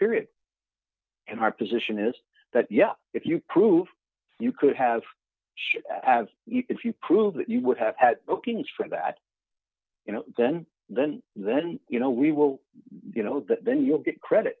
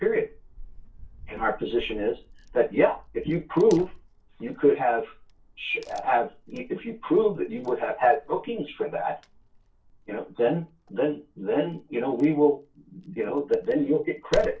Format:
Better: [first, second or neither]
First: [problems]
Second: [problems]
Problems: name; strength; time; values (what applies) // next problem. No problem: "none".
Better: first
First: none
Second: background sound (Tearing / Wood); 18 dB below the speech // room echo; dies away in 0.2 s